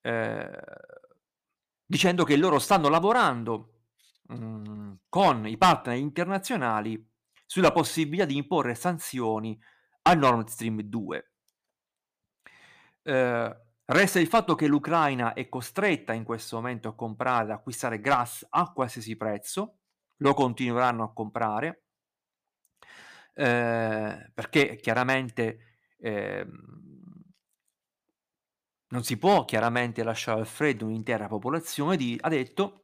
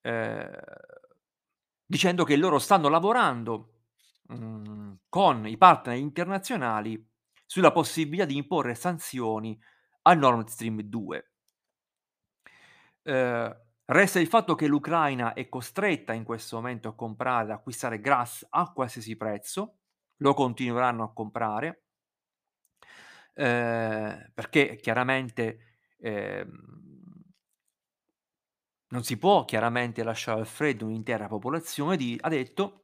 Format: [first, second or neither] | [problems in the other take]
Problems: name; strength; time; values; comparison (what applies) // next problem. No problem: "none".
second | distortion; slight; 1.1% of the sound clipped